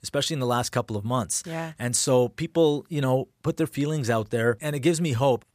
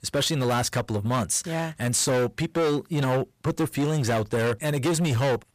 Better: first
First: none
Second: distortion; heavy; 22% of the sound clipped

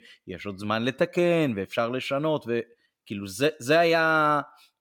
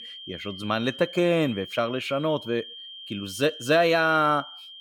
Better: first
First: none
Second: high-pitched whine; noticeable; throughout; 3 kHz, 15 dB below the speech

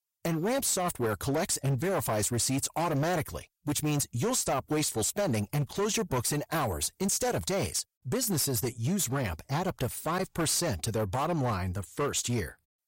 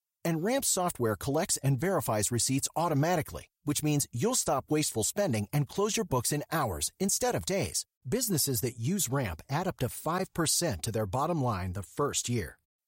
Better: second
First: distortion; slight; 14% of the sound clipped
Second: none

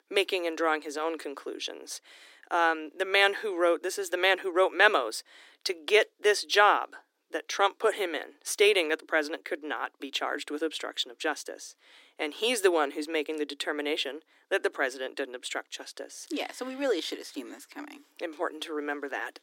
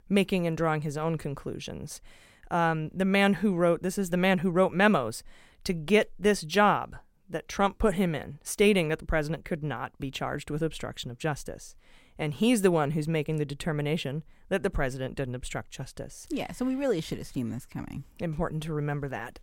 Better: second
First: thin; very; fading below 300 Hz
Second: none

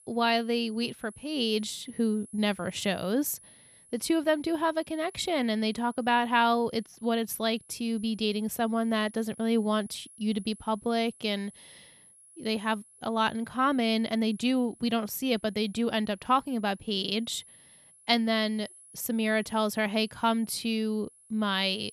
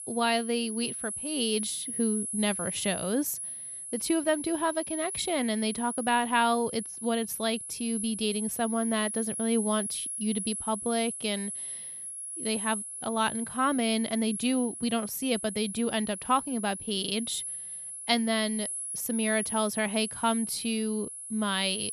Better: first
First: high-pitched whine; faint; throughout; 10.5 kHz, 25 dB below the speech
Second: high-pitched whine; loud; throughout; 10.5 kHz, 5 dB below the speech

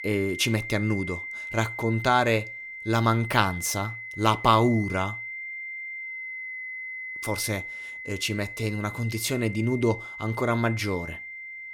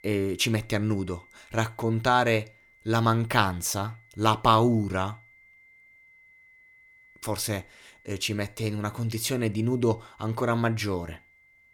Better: second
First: high-pitched whine; loud; throughout; 2 kHz, 9 dB below the speech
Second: high-pitched whine; faint; throughout; 2 kHz, 30 dB below the speech

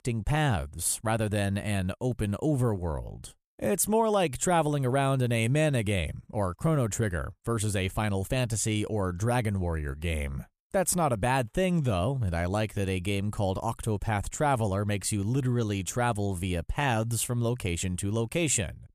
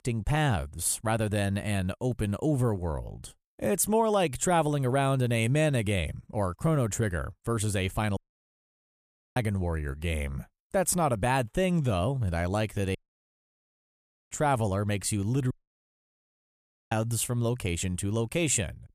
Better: first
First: none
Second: audio cutting out; at 8 s for 1 s, at 13 s for 1.5 s and at 16 s for 1.5 s

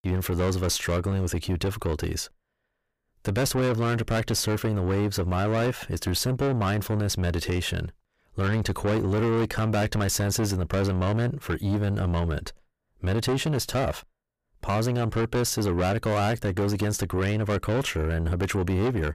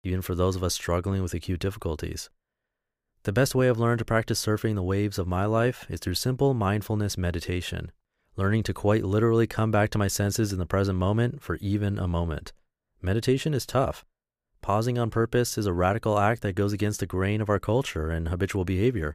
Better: second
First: distortion; heavy; 7 dB below the speech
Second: none

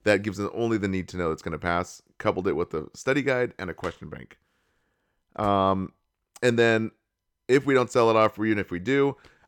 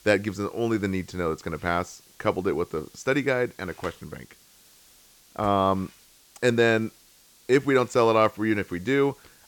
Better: first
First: none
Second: hiss; faint; throughout; 25 dB below the speech

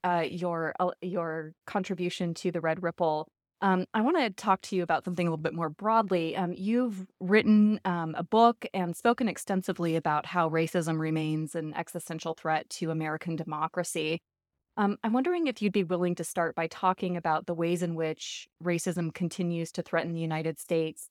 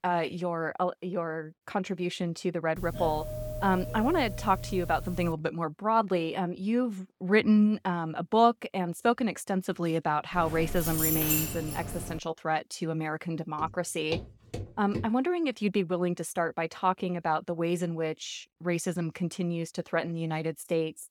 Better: first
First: none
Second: doorbell; noticeable; from 3 to 5.5 s; peak 6 dB below the speech // jangling keys; loud; from 10 to 12 s; peak 5 dB above the speech // footsteps; noticeable; from 14 to 15 s; peak 9 dB below the speech

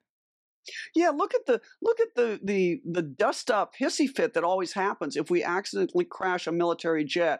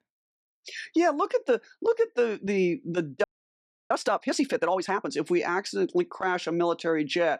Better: first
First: none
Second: audio freezing; at 3 s for 0.5 s

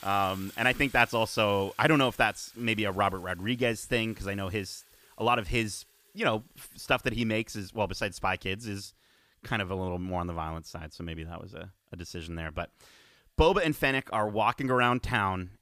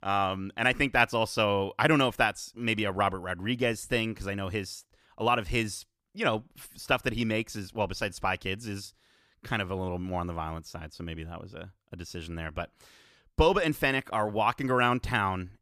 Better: second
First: household noises; faint; throughout; 25 dB below the speech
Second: none

